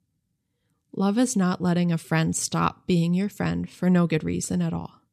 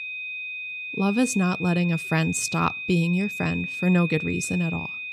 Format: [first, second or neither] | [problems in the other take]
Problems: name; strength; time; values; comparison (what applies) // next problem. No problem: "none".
first | high-pitched whine; loud; throughout; 2.5 kHz, 6 dB below the speech